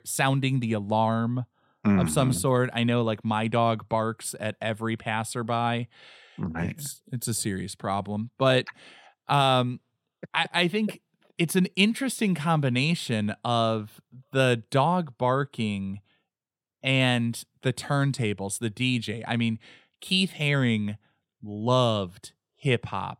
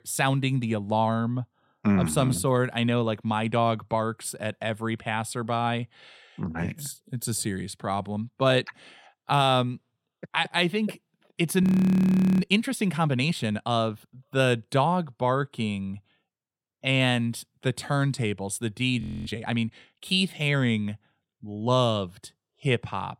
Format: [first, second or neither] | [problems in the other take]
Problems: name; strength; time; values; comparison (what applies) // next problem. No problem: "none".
first | audio freezing; at 12 s for 1 s and at 19 s